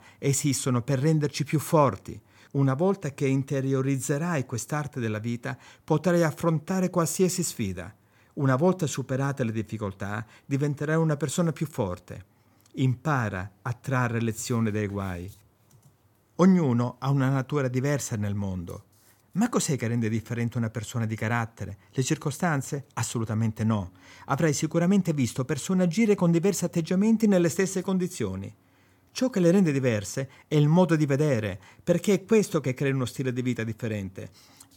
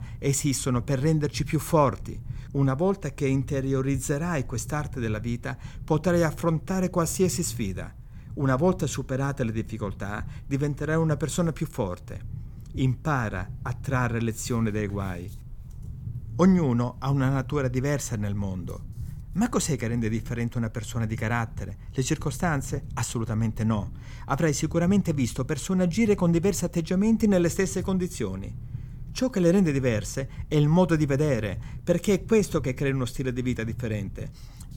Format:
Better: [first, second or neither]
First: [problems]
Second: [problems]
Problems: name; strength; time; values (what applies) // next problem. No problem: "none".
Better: first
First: none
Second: low rumble; faint; throughout; 25 dB below the speech